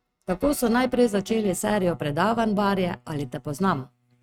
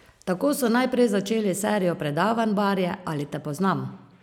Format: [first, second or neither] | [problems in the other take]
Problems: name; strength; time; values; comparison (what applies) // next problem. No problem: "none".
second | noise reduction (neural mask model RNNoise)